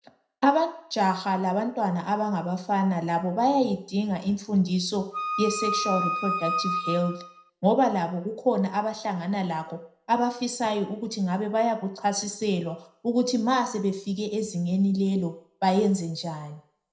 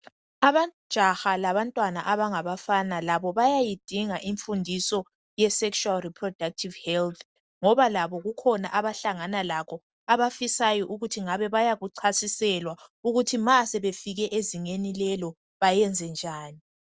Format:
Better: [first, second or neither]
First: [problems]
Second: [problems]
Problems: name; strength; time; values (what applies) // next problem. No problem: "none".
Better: second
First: background sound (Wind instrument, woodwind instrument); 3 dB below the speech // room echo; dies away in 0.5 s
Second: none